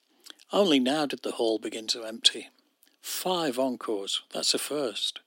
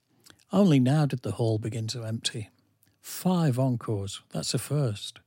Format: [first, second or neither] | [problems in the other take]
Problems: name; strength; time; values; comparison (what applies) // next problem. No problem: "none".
second | thin; somewhat; fading below 250 Hz